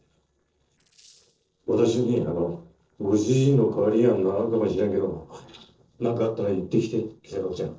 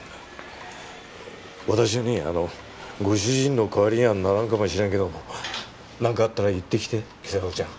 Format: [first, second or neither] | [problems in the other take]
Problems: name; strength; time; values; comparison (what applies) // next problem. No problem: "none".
second | noise reduction (neural separator model SepFormer DNS4)